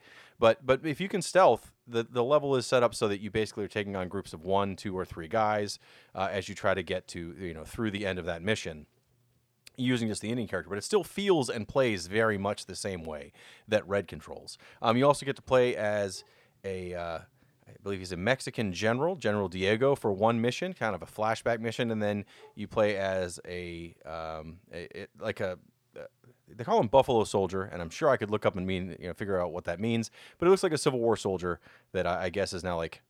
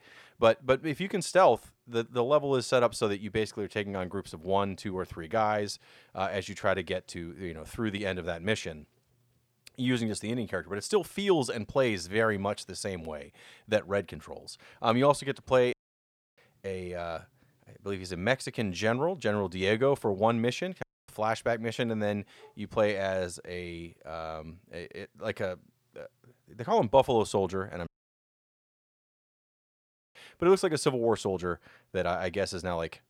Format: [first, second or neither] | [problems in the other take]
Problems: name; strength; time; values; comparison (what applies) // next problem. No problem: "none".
first | audio cutting out; at 16 s for 0.5 s, at 21 s and at 28 s for 2.5 s